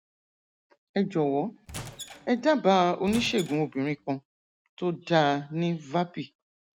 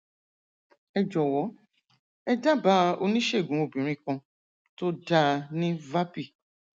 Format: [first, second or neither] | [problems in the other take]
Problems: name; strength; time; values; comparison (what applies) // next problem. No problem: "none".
second | background sound (Squeak / Wood); 15 dB below the speech